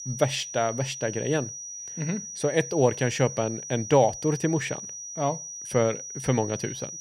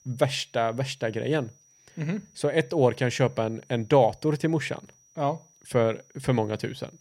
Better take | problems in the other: second | high-pitched whine; loud; throughout; 6 kHz, 9 dB below the speech; faint in the second

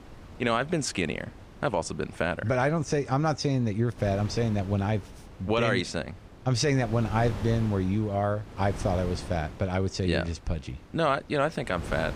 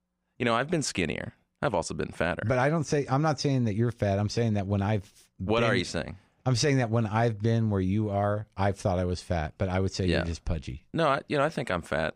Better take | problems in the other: second | wind noise on the microphone; occasional gusts; 20 dB below the speech

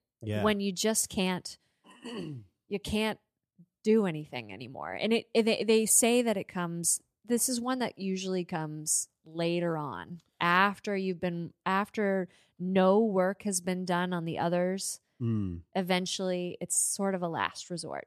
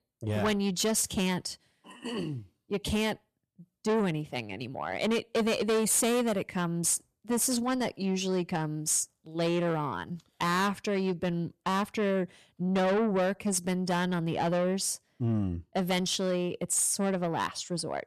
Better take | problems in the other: first | distortion; heavy; 7 dB below the speech

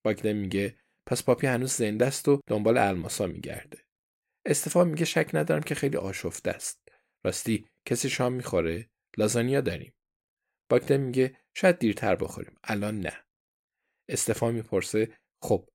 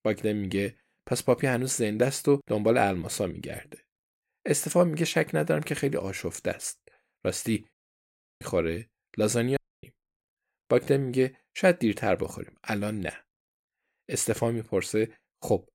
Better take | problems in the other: first | audio cutting out; at 7.5 s for 0.5 s and at 9.5 s

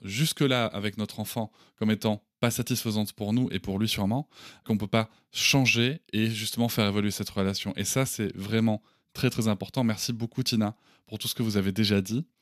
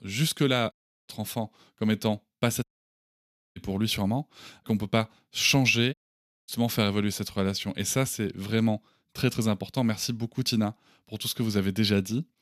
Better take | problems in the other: first | audio cutting out; at 0.5 s, at 2.5 s for 1 s and at 6 s for 0.5 s

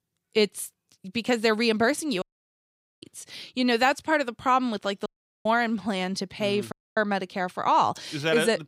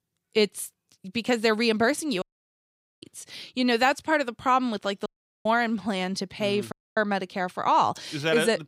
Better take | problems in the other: neither | audio cutting out; at 2 s for 1 s, at 5 s and at 6.5 s; the same in both

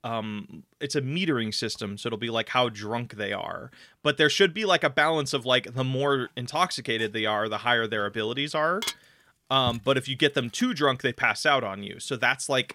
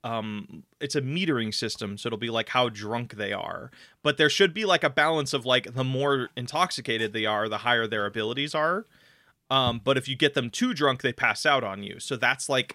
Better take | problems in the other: second | clattering dishes; noticeable; from 9 to 11 s; peak 6 dB below the speech

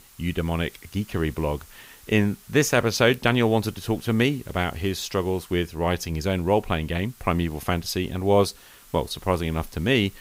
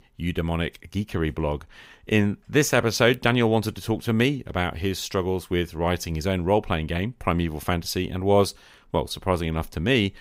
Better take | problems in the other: second | hiss; faint; throughout; 25 dB below the speech

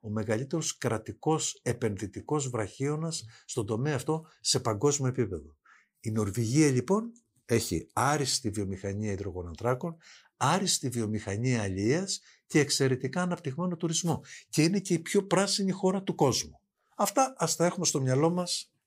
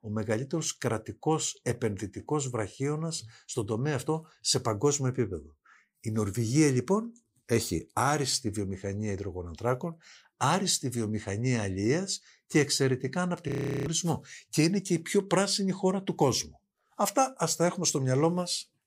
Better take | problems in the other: first | audio freezing; at 13 s

